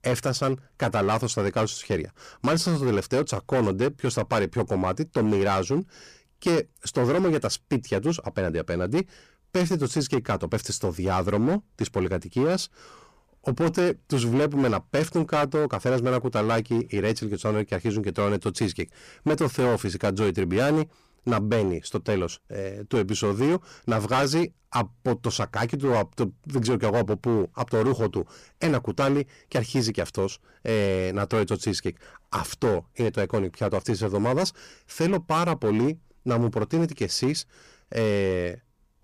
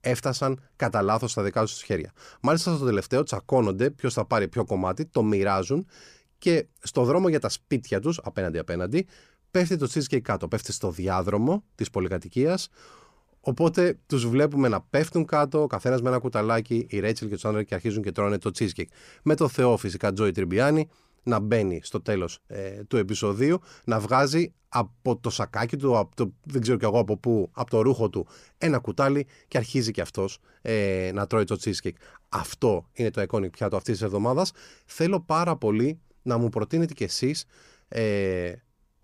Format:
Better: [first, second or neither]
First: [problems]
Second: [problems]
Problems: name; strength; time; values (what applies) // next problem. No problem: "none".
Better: second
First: distortion; slight; 10% of the sound clipped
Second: none